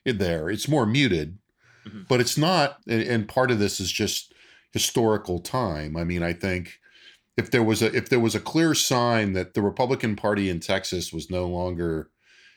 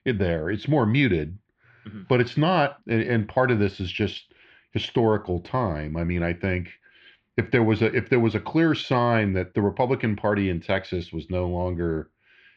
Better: first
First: none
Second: muffled; very; fading above 3 kHz

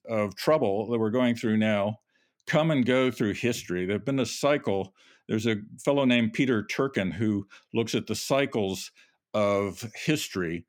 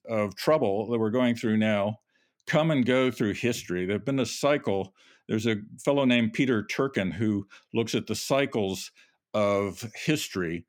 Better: neither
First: none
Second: none

